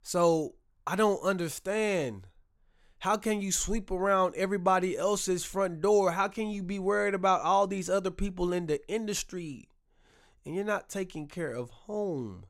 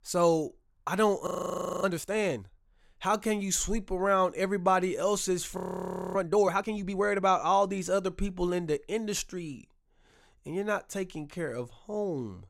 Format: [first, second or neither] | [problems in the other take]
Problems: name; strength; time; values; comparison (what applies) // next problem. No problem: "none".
first | audio freezing; at 1.5 s for 0.5 s and at 5.5 s for 0.5 s